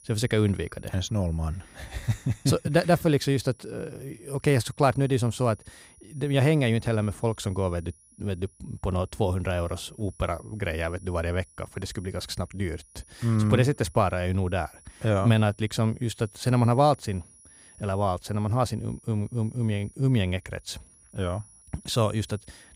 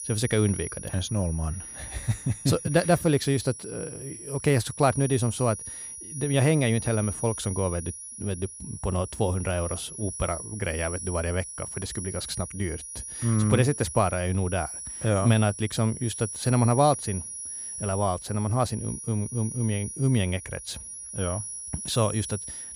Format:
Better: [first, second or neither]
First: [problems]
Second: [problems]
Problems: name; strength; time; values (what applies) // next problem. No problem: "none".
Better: first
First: high-pitched whine; faint; throughout; 10.5 kHz, 25 dB below the speech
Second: high-pitched whine; loud; throughout; 10.5 kHz, 8 dB below the speech